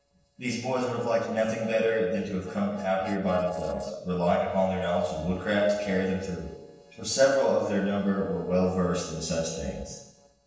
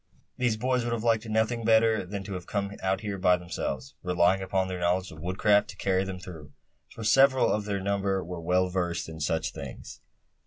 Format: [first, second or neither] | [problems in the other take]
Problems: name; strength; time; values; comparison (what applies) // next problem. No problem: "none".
second | noise reduction (neural separator model SepFormer DNS4)